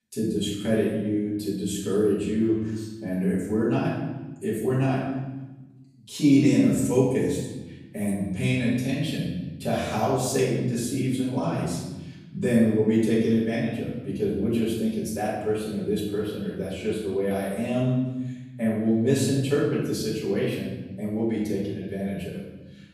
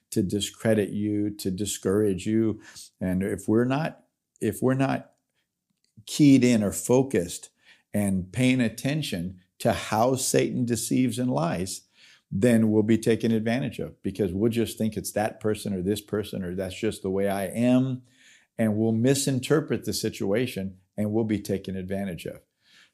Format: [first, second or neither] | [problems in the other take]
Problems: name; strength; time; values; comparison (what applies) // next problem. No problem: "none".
second | room echo; noticeable; dies away in 1.2 s // off-mic speech; far